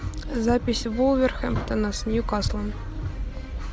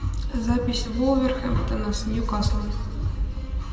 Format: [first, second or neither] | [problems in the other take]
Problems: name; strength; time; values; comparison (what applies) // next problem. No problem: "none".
first | room echo; dies away in 2 s